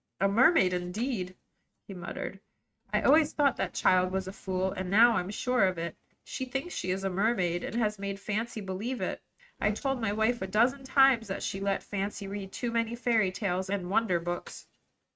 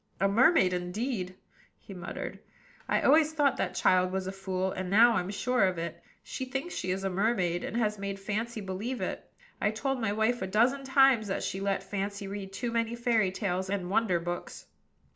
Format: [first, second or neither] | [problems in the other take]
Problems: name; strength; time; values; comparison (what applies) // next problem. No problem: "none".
second | noise reduction (neural mask model RNNoise)